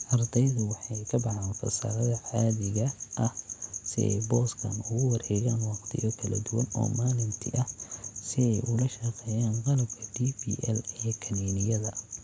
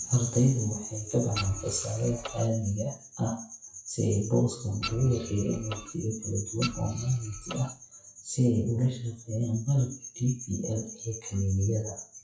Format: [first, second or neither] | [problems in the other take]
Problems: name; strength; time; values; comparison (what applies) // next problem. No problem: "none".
first | noise reduction (classical method WPE with log-MMSE)